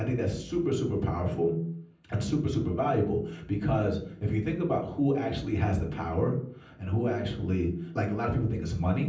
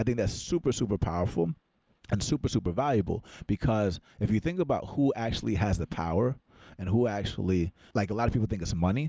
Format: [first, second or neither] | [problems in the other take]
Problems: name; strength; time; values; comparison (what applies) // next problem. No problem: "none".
second | room echo; dies away in 0.6 s